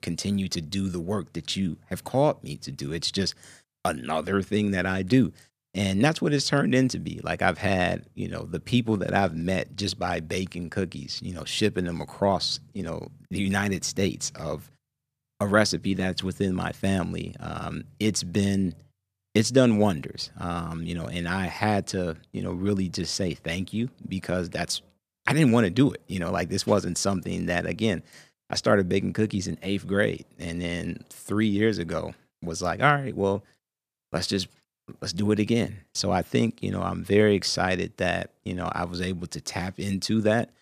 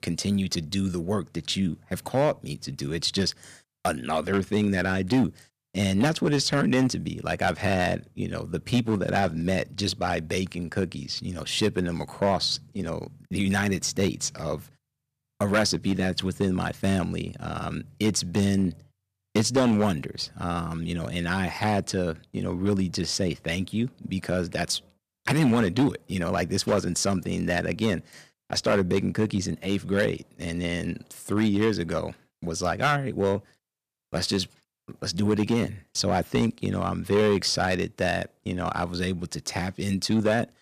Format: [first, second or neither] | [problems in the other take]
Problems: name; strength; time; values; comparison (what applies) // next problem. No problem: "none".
first | distortion; slight; 3% of the sound clipped